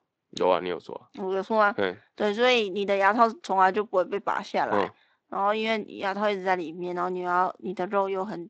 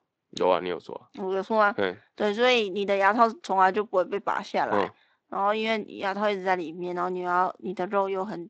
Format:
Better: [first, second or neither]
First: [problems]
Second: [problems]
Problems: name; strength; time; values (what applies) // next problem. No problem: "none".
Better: neither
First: garbled, watery; slightly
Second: garbled, watery; slightly